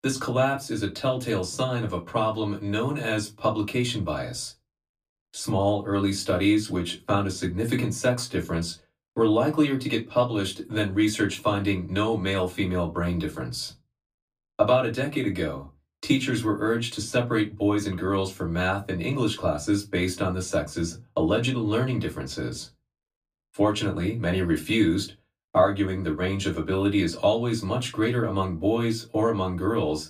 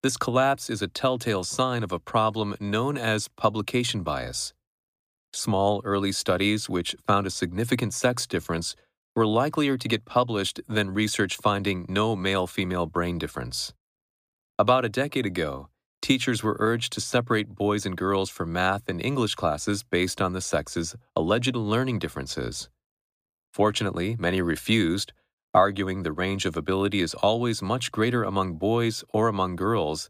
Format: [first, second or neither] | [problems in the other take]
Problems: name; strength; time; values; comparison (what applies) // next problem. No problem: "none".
second | off-mic speech; far // room echo; very slight; dies away in 0.2 s